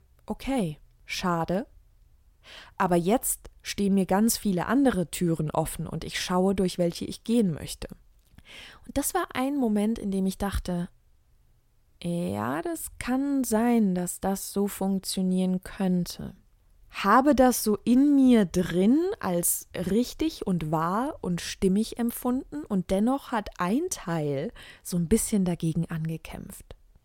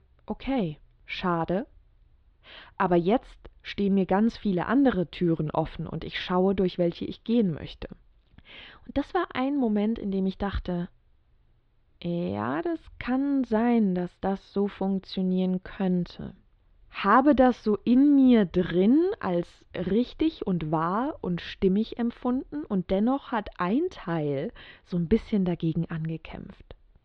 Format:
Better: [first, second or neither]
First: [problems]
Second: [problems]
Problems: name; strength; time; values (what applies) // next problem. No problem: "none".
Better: first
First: none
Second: muffled; slightly; fading above 4 kHz